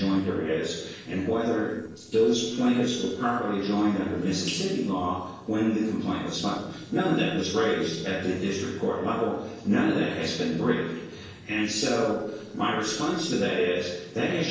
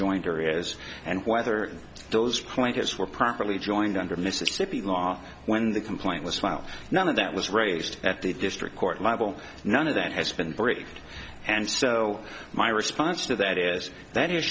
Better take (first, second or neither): second